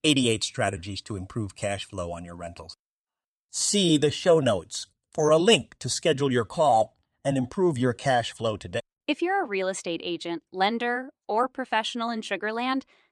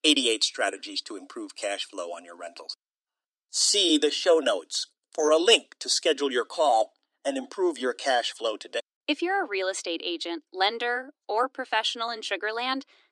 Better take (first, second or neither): first